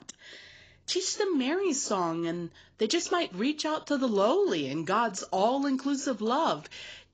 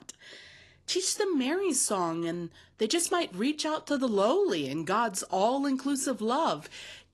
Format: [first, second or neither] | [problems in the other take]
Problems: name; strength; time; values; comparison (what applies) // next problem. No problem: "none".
second | garbled, watery; badly; nothing above 7.5 kHz; slightly in the second